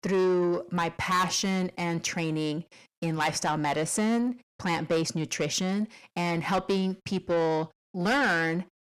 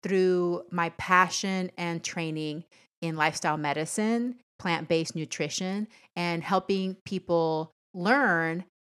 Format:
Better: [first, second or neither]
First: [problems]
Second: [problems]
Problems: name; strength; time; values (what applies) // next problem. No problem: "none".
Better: second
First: distortion; heavy; 7 dB below the speech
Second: none